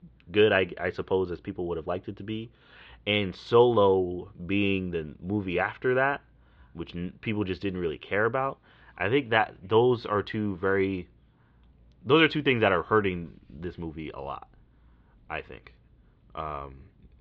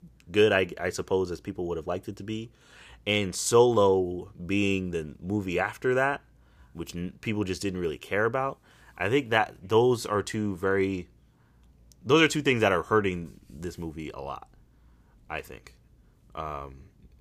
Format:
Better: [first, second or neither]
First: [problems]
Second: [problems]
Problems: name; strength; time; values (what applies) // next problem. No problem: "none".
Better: second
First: muffled; very; fading above 3.5 kHz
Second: none